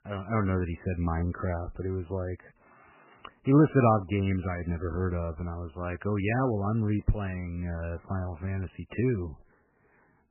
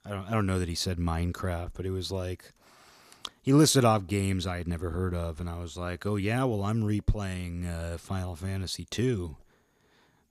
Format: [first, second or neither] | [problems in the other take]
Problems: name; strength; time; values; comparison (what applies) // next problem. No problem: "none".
second | garbled, watery; badly; nothing above 3 kHz